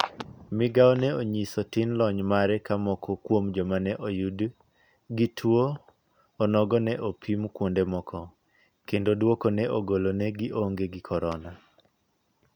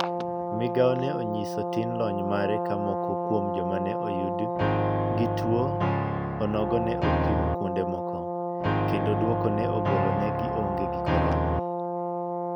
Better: first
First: none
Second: background sound (Piano + Brass instrument); 3 dB above the speech

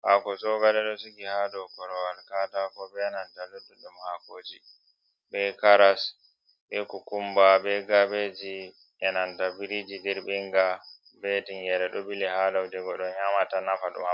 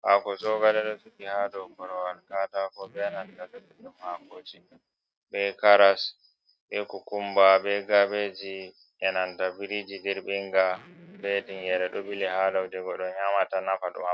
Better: first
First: none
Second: noise reduction (neural mask model RNNoise)

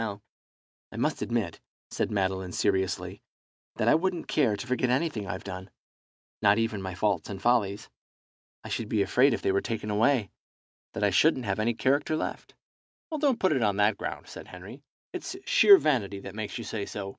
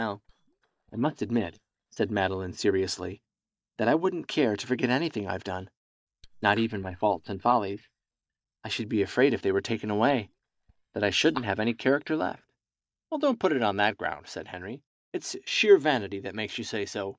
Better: first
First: none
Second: noise reduction (neural mask model DeepFilterNet 3)

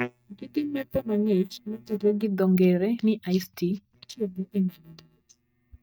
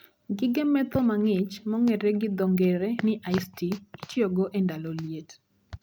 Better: second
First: noise reduction (neural mask model DeepFilterNet 3)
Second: none

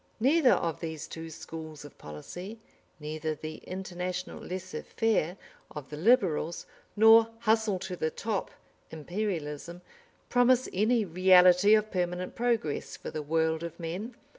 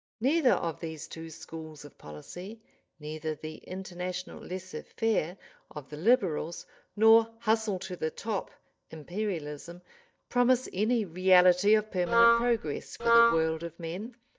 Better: first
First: none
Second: noise reduction (neural mask model DeepFilterNet 3)

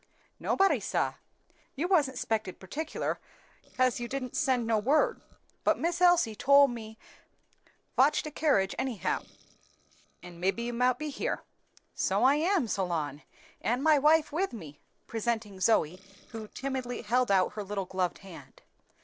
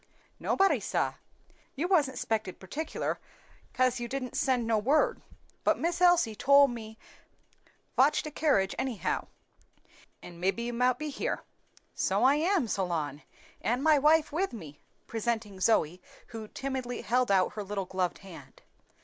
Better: second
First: noise reduction (neural separator model SepFormer DNS4)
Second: none

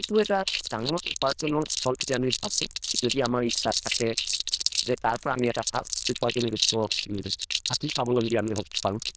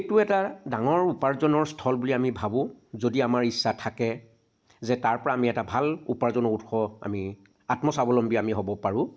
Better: second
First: noise reduction (neural diffusion model UNIVERSE++)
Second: none

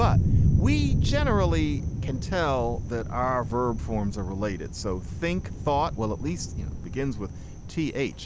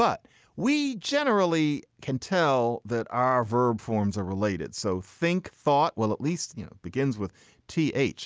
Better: second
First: background sound (Thunder); 2 dB above the speech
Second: none

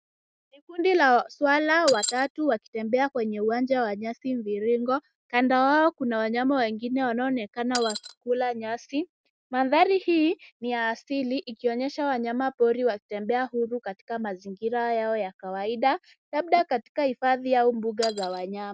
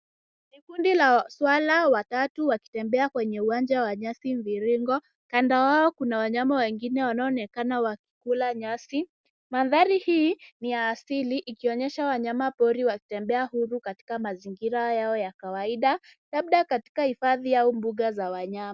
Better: second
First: noise reduction (neural mask model RNNoise)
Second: none

